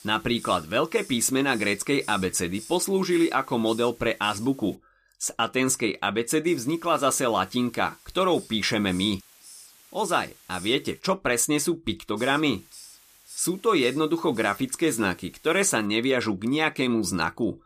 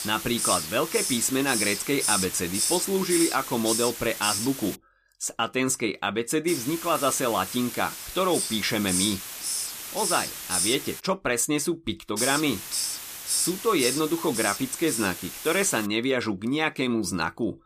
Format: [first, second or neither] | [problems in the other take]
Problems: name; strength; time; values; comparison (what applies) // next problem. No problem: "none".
first | hiss; loud; until 5 s, from 6.5 to 11 s and from 12 to 16 s; 2 dB below the speech; faint in the first